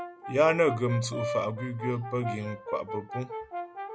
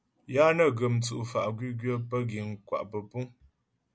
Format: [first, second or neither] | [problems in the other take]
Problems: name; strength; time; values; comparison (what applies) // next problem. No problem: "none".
second | background sound (Brass instrument); 8 dB below the speech